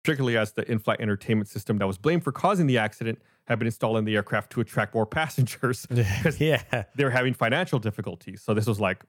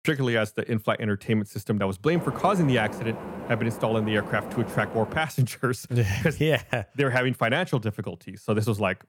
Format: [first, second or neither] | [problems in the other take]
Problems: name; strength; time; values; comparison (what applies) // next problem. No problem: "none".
first | wind noise on the microphone; occasional gusts; from 2 to 5 s; 10 dB below the speech